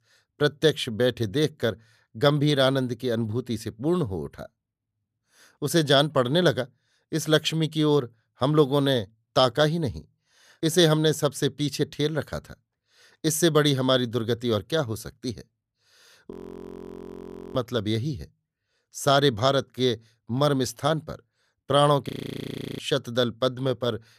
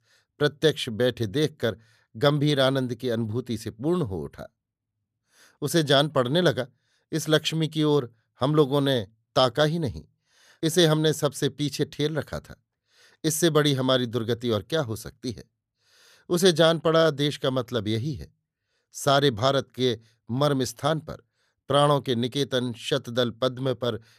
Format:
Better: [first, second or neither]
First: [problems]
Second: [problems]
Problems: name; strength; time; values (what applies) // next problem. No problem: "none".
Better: second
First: audio freezing; at 16 s for 1 s and at 22 s for 0.5 s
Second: none